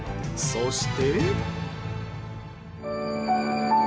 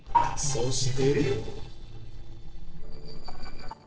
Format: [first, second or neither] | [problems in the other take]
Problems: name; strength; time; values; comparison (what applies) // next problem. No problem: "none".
first | noise reduction (neural separator model SepFormer DNS4)